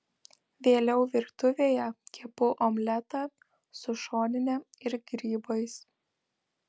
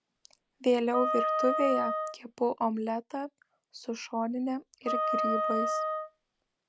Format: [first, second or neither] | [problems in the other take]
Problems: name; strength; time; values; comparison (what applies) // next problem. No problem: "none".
first | background sound (Wind instrument, woodwind instrument); as loud as the speech